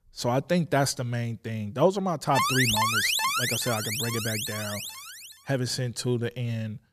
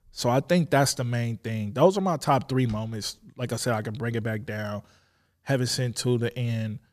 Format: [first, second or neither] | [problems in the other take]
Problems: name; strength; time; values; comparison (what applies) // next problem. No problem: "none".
second | alarm; loud; from 2.5 to 5.5 s; peak 6 dB above the speech